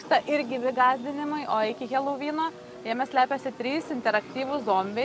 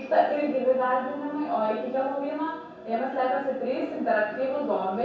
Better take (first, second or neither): first